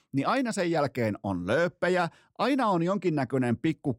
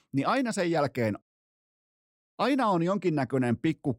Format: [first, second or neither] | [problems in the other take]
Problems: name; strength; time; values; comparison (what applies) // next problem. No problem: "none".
first | audio cutting out; at 1 s for 1 s